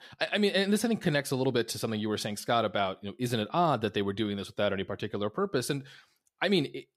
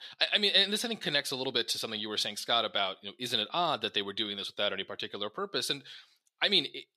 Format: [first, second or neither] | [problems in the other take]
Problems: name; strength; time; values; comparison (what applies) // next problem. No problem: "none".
first | thin; very slightly; fading below 450 Hz